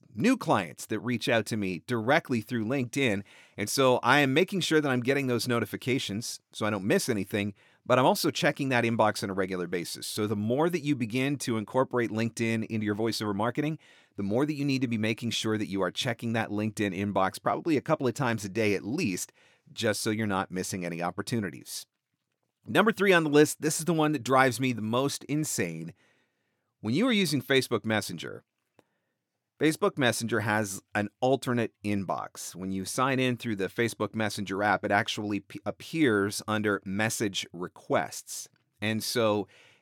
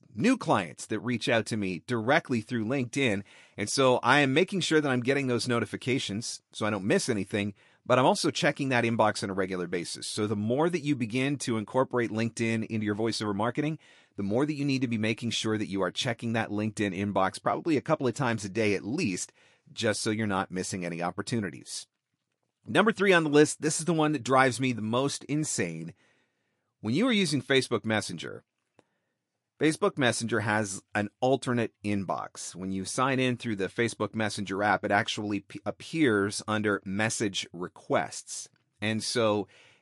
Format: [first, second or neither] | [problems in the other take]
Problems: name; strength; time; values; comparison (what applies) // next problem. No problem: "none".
first | garbled, watery; slightly; nothing above 11 kHz